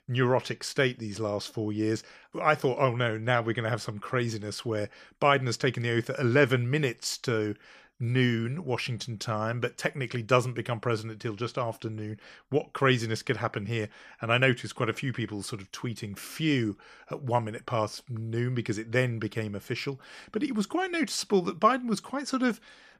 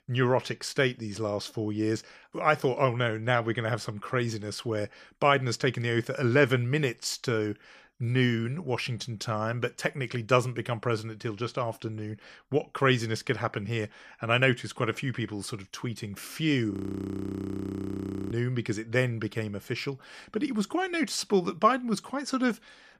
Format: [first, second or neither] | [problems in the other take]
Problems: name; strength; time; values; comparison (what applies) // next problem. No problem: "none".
first | audio freezing; at 17 s for 1.5 s